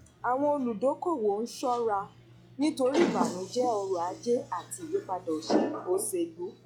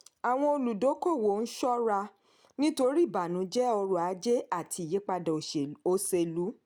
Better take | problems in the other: second | noise reduction (classical method log-MMSE)

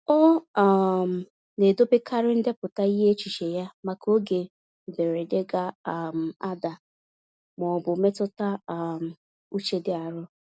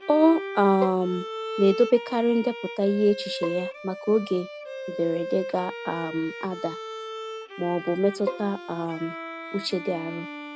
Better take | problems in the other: first | background sound (Bowed string instrument + Bowed string instrument); 9 dB below the speech

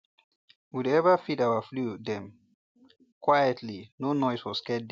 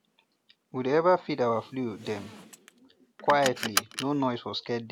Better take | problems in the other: first | background sound (Car); 10 dB below the speech

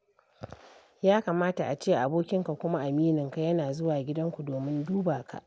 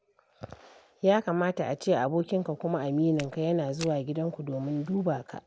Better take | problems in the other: first | background sound (Walk, footsteps); 18 dB below the speech

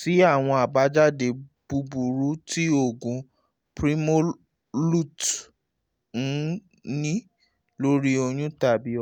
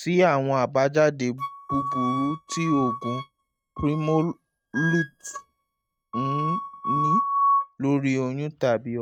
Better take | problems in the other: first | noise reduction (neural mask model RNNoise)

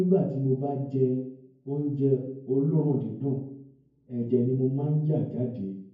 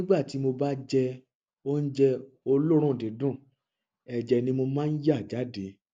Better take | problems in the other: second | room echo; dies away in 0.9 s

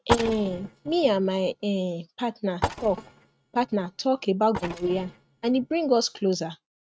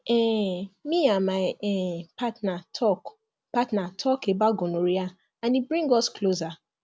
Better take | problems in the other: second | noise reduction (neural mask model RNNoise)

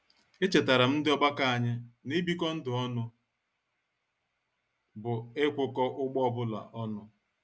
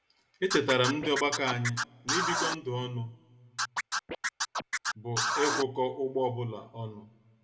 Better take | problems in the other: first | background sound (Scratching (performance technique)); 1 dB below the speech // room echo; dies away in 1.1 s

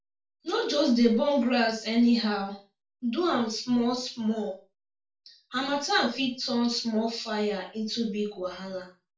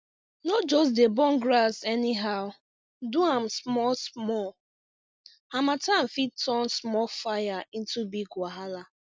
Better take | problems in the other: second | room echo; dies away in 0.3 s

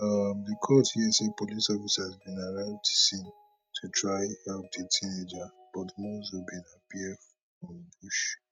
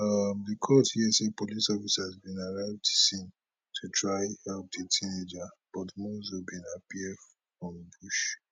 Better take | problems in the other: second | noise reduction (neural mask model RNNoise)

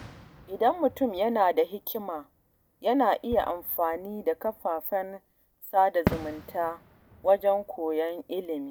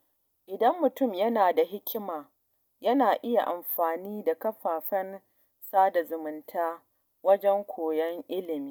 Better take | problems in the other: second | background sound (Fireworks); 14 dB below the speech

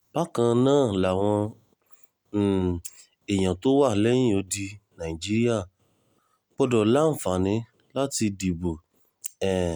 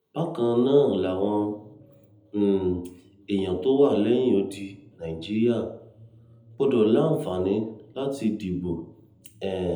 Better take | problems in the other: first | room echo; dies away in 0.8 s

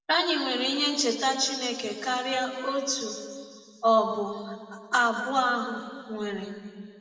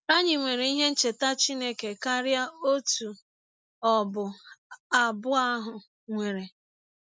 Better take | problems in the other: second | room echo; dies away in 2 s

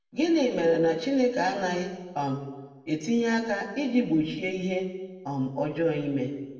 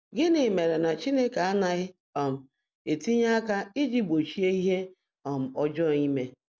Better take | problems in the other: second | room echo; dies away in 1 s

